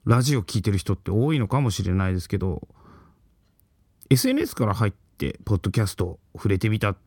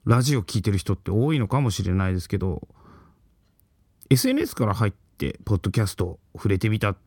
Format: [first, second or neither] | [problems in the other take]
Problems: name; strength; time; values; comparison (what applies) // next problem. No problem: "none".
neither | none